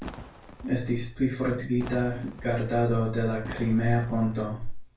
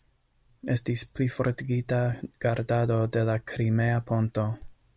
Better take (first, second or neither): second